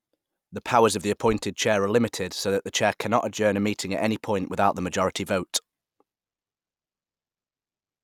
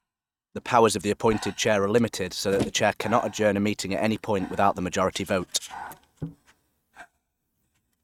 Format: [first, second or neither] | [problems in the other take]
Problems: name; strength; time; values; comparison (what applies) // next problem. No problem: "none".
first | noise reduction (neural mask model RNNoise)